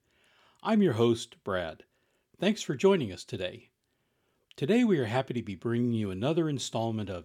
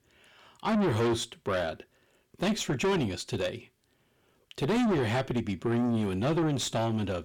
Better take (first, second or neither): first